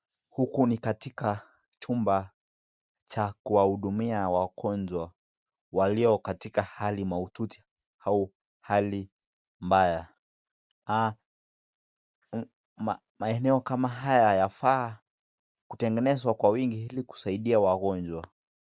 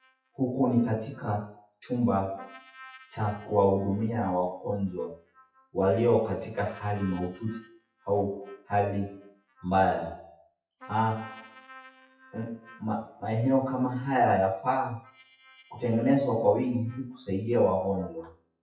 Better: first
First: none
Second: noise reduction (classical method WPE with log-MMSE)

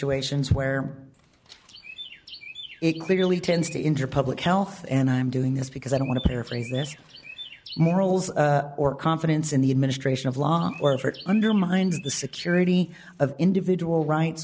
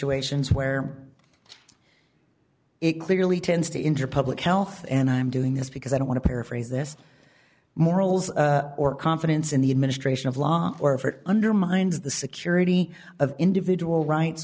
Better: second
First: background sound (Chirp, tweet); 19 dB below the speech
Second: none

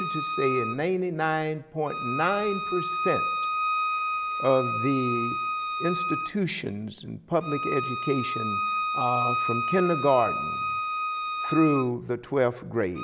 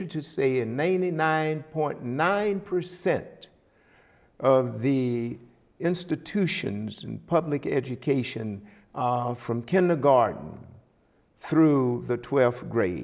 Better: second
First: background sound (Bowed string instrument); 2 dB below the speech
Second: none

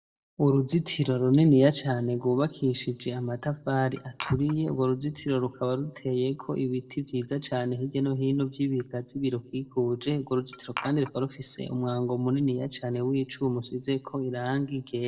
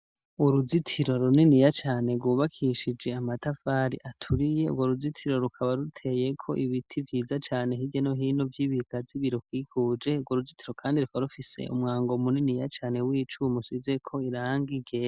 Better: second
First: noise reduction (neural separator model SepFormer DNS4)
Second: none

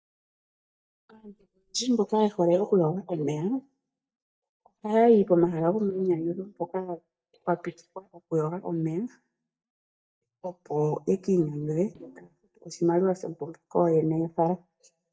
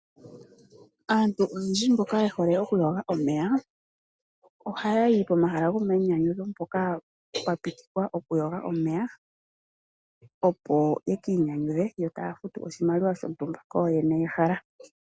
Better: second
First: noise reduction (neural mask model DeepFilterNet 3)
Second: none

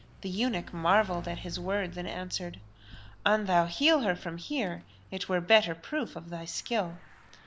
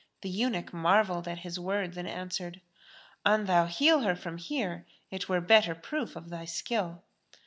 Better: second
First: background sound (Mechanisms / Bicycle); 19 dB below the speech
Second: none

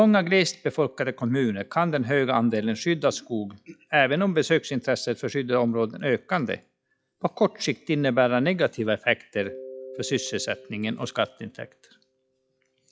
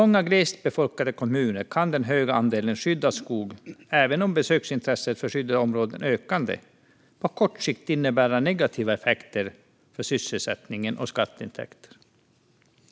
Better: second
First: noise reduction (classical method log-MMSE)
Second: none

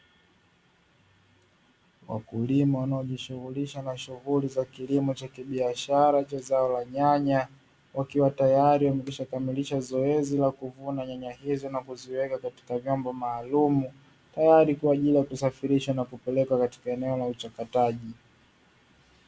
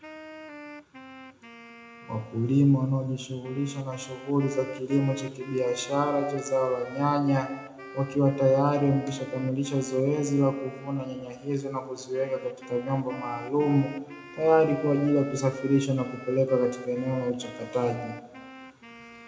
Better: first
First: none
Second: background sound (Wind instrument, woodwind instrument); 18 dB below the speech // room echo; dies away in 0.5 s

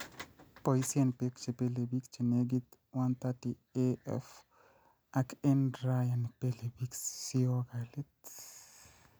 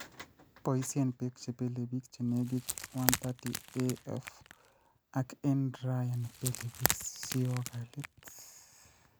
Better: first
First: none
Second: background sound (Wood); 4 dB below the speech

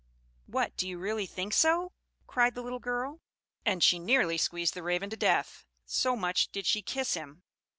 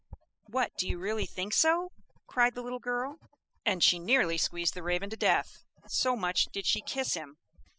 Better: first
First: none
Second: noise reduction (classical method spectral subtraction)

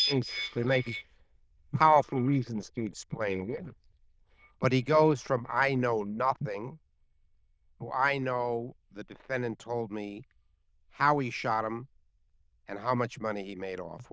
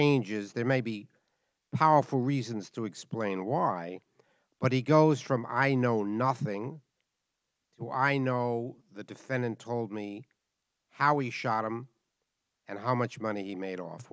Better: second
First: noise reduction (neural diffusion model UNIVERSE++)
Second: none

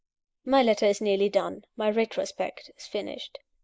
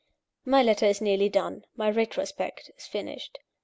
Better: second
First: noise reduction (neural mask model Resemble Enhance denoiser)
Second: none

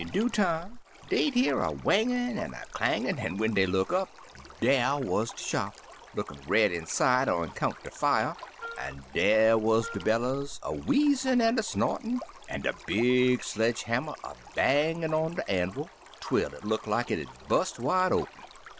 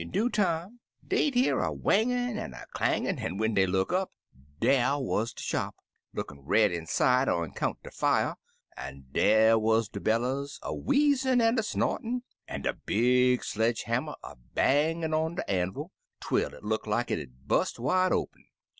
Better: second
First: background sound (Wind instrument, woodwind instrument + Stream); 18 dB below the speech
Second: none

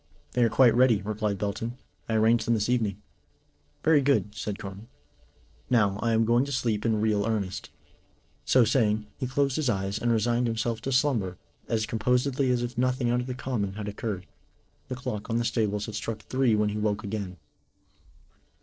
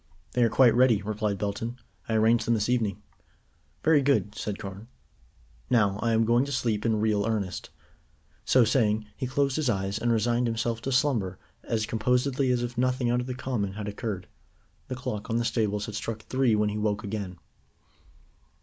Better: second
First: noise reduction (neural separator model SepFormer DNS4)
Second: none

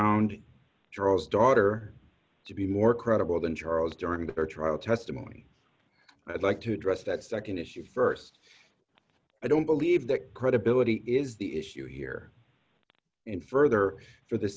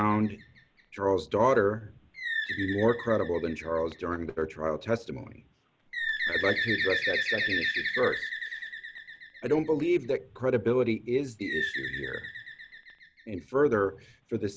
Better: first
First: none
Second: background sound (Bird); 6 dB below the speech

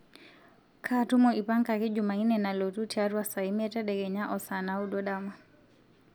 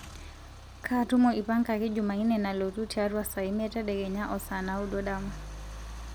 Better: first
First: none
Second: background sound (Idling / Engine starting / Accelerating, revving, vroom / Car); 13 dB below the speech

